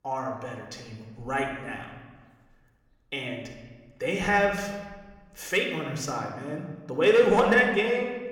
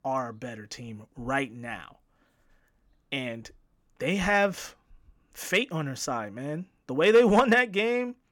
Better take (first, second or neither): second